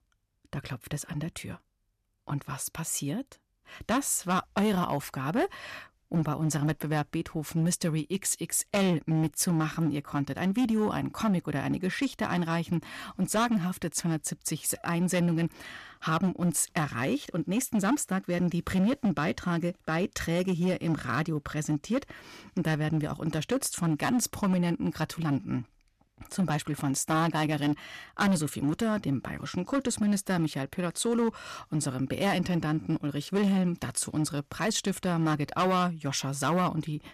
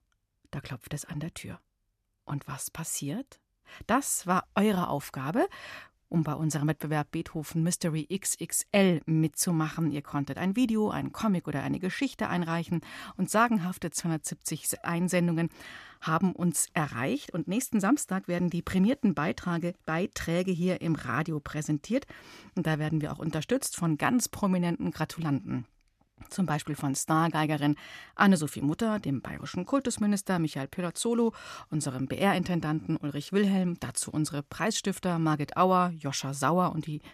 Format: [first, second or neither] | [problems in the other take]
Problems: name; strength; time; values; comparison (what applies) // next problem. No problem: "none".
second | distortion; slight; 7% of the sound clipped